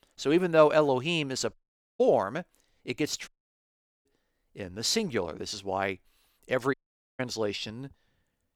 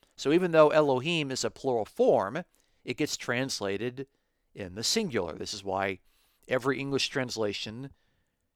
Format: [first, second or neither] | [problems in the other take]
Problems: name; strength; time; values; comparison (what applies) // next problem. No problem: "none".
second | audio cutting out; at 1.5 s, at 3.5 s for 1 s and at 6.5 s